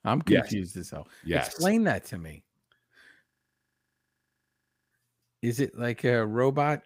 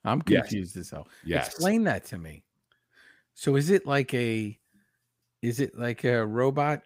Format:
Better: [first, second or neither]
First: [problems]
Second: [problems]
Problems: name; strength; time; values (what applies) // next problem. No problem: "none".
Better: second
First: audio freezing; at 3.5 s for 1.5 s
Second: none